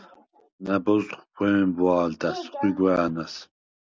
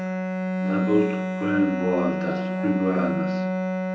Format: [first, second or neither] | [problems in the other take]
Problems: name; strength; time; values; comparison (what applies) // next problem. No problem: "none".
first | background sound (Bowed string instrument); 1 dB above the speech // room echo; dies away in 0.6 s